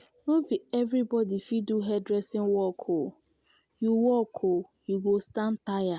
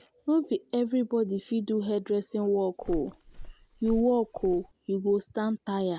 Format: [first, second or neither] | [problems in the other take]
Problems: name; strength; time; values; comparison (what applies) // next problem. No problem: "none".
first | background sound (Walk, footsteps); 12 dB below the speech